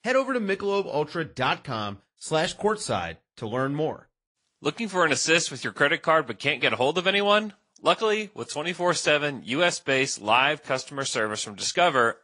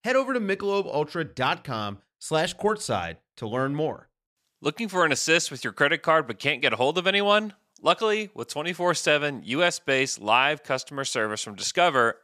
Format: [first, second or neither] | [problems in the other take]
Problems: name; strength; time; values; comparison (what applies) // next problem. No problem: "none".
second | garbled, watery; slightly; nothing above 10 kHz